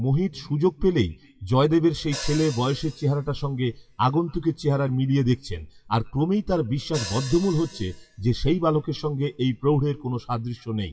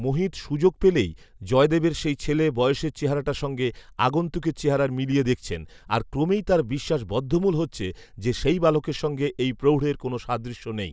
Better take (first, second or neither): second